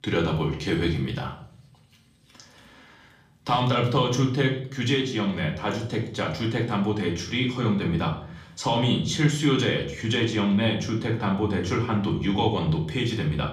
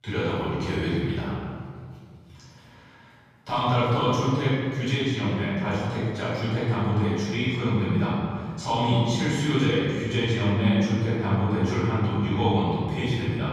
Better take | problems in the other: first | room echo; strong; dies away in 1.9 s; slight in the first // off-mic speech; far; far in the first

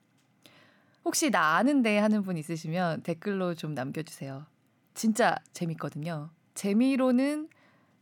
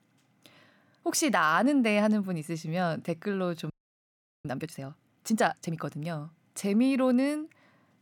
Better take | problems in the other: first | audio freezing; at 3.5 s for 1 s

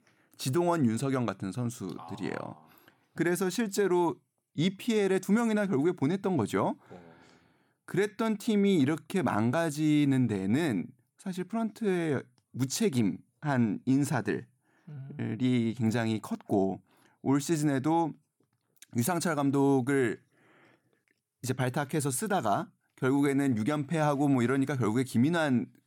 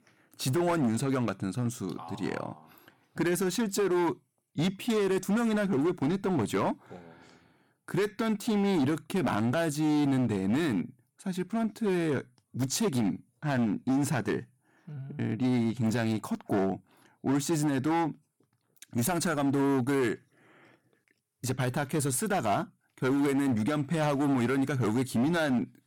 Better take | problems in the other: first | distortion; slight; 13% of the sound clipped

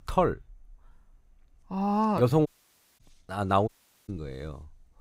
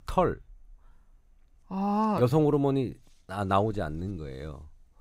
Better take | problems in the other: second | audio cutting out; at 2.5 s for 0.5 s and at 3.5 s

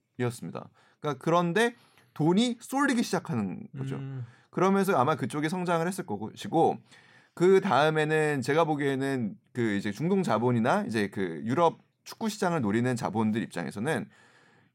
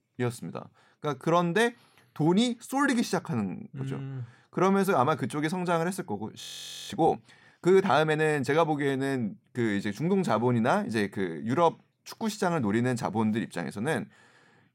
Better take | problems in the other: first | audio freezing; at 6.5 s

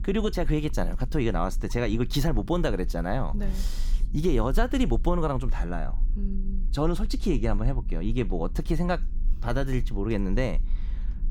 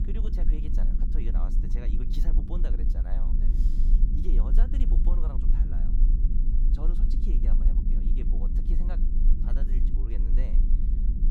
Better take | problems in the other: first | low rumble; loud; throughout; as loud as the speech; faint in the first

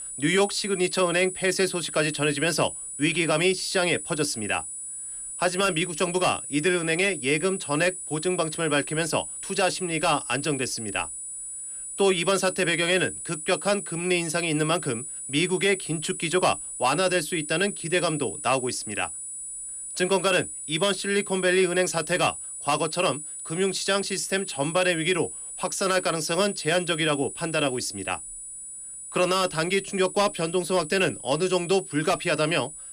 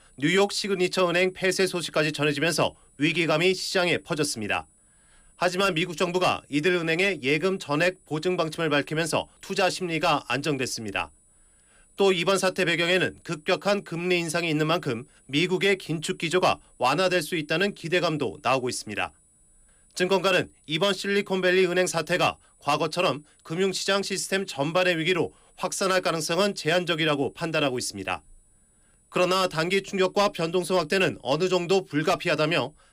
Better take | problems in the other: second | high-pitched whine; loud; throughout; 9.5 kHz, 8 dB below the speech; faint in the second

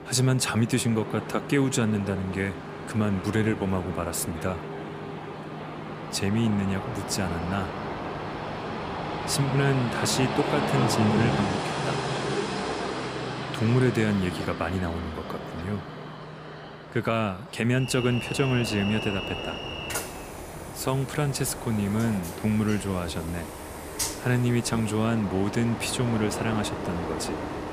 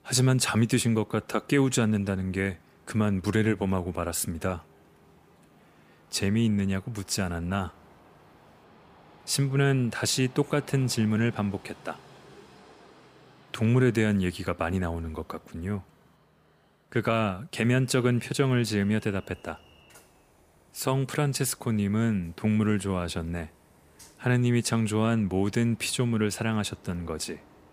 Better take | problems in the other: second | train or aircraft noise; loud; throughout; 5 dB below the speech; faint in the second

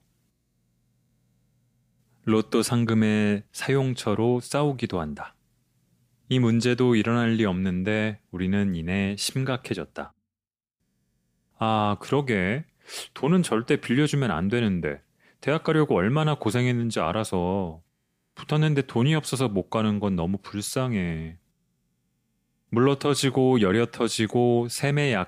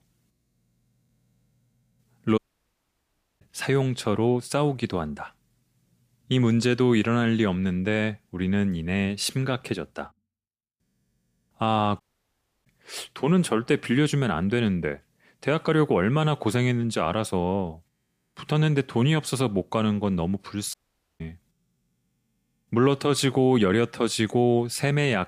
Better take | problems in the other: first | audio cutting out; at 2.5 s for 1 s, at 12 s for 0.5 s and at 21 s

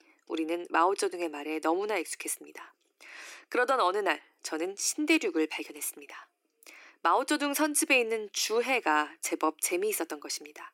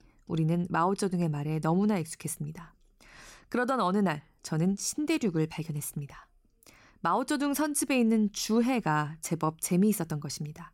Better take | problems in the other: second | thin; very; fading below 300 Hz

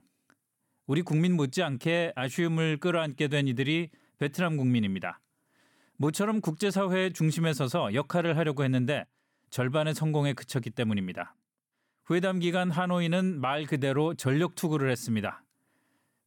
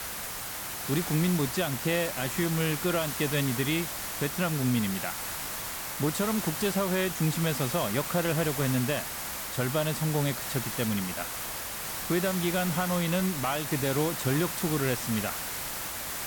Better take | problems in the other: first | hiss; loud; throughout; 3 dB below the speech

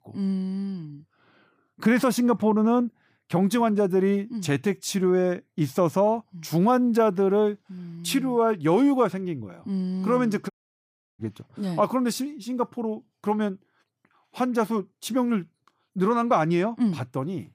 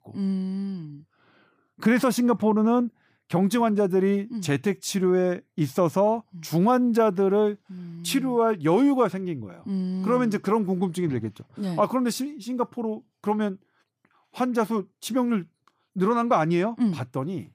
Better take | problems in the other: second | audio cutting out; at 11 s for 0.5 s

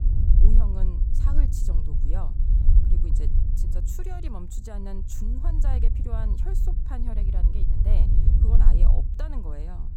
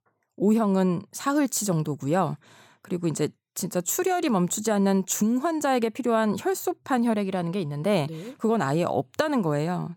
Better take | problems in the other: second | low rumble; loud; throughout; as loud as the speech

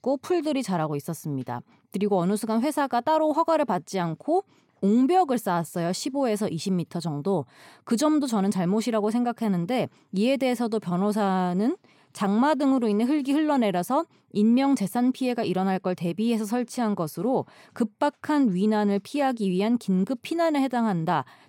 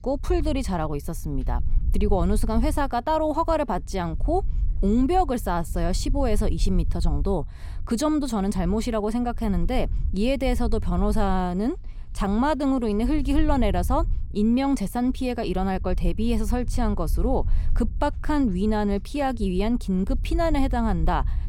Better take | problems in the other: first | low rumble; faint; throughout; 25 dB below the speech

